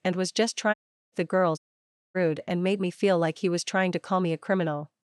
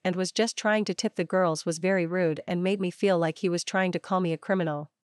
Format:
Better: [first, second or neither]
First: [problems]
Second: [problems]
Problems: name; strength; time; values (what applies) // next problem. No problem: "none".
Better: second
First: audio cutting out; at 0.5 s and at 1.5 s for 0.5 s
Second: none